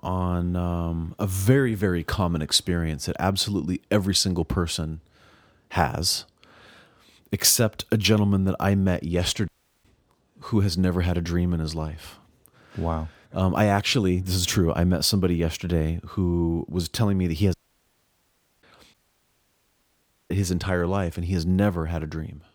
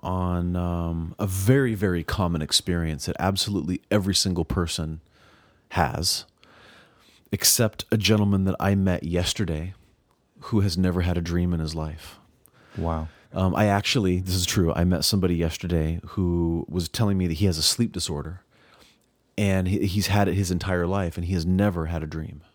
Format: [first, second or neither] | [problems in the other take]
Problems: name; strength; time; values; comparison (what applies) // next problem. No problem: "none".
second | audio cutting out; at 9.5 s, at 18 s for 1 s and at 19 s for 1.5 s